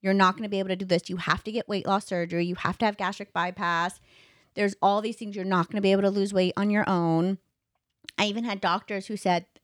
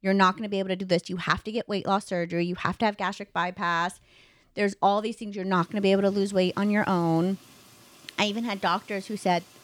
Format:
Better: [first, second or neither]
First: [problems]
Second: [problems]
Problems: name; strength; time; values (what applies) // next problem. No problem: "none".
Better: first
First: none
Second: rain or running water; faint; throughout; 25 dB below the speech